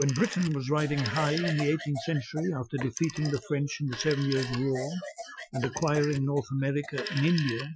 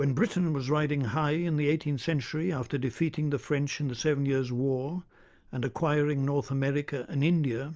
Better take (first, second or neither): second